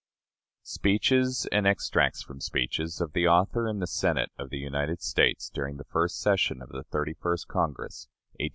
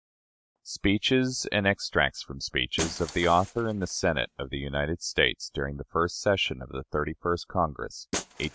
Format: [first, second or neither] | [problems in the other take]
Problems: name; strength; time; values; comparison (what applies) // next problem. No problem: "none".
first | noise reduction (neural mask model RNNoise)